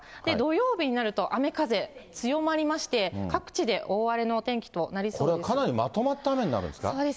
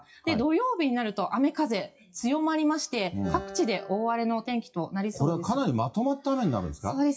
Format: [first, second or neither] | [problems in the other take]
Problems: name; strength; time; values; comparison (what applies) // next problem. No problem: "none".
first | noise reduction (classical method WPE with log-MMSE)